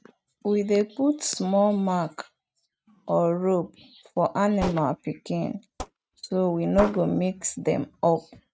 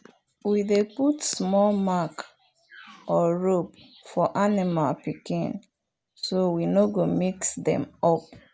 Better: second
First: noise reduction (neural mask model RNNoise)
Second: none

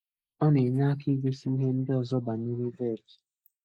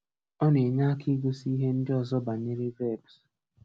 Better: second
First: noise reduction (neural mask model Resemble Enhance denoiser)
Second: none

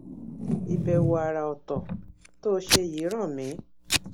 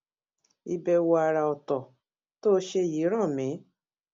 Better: second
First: background sound (Packing tape, duct tape / Tearing); 1 dB above the speech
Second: none

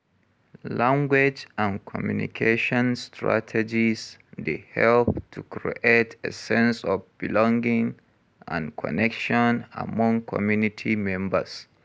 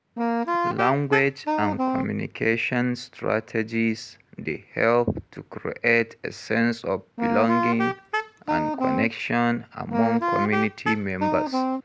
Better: first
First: none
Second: background sound (Wind instrument, woodwind instrument); as loud as the speech

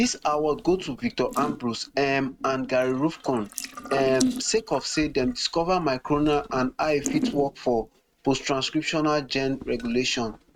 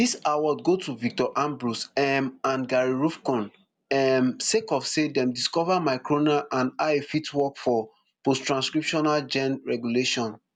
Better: second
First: noise reduction (neural mask model RNNoise)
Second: none

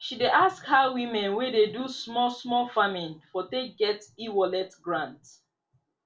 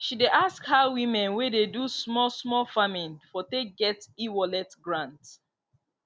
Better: second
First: room echo; dies away in 0.2 s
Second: none

